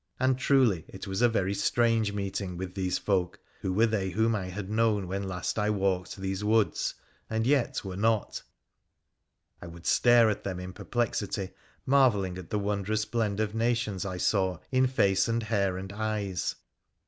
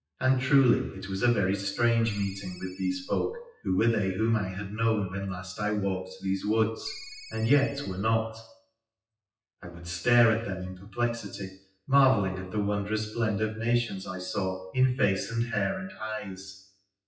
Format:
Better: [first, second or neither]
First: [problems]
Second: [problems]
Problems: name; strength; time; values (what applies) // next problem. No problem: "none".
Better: first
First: none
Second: noise reduction (classical method WPE with log-MMSE)